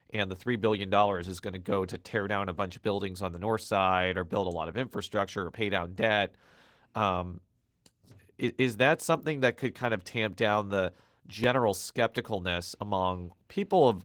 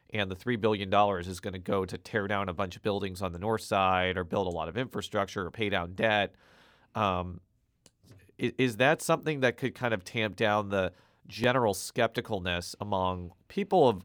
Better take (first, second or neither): second